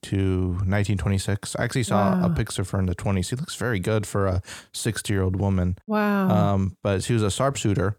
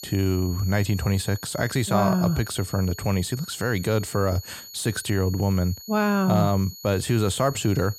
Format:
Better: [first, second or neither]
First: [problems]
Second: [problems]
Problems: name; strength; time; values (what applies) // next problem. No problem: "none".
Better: first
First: none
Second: high-pitched whine; noticeable; throughout; 4.5 kHz, 15 dB below the speech